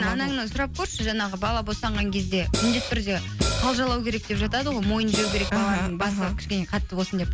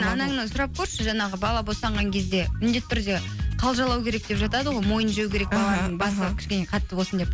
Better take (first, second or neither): second